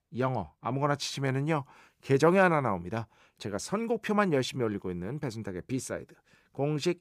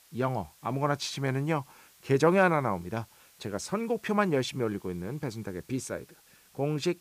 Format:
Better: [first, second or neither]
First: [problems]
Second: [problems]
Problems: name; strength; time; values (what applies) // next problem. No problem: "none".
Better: first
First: none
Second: hiss; faint; throughout; 25 dB below the speech